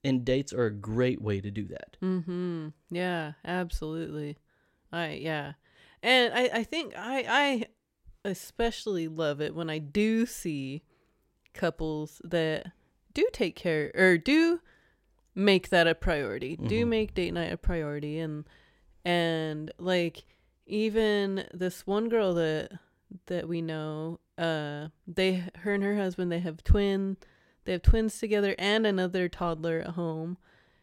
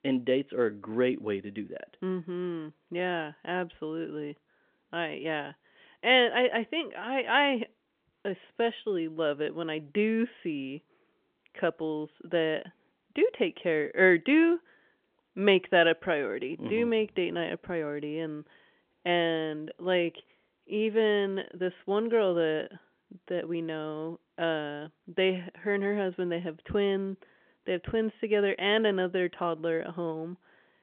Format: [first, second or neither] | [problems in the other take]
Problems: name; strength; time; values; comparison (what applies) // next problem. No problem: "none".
first | phone-call audio; nothing above 3 kHz